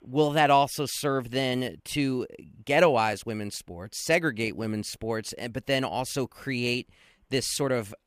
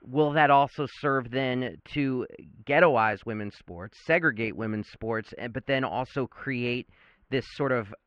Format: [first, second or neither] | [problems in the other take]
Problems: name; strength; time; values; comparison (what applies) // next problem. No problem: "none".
first | muffled; very; fading above 2.5 kHz